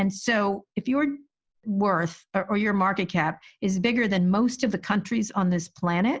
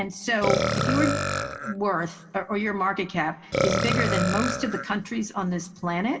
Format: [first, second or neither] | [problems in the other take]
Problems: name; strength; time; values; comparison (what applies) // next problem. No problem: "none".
first | background sound (Burping, eructation); 1 dB below the speech // room echo; dies away in 2.7 s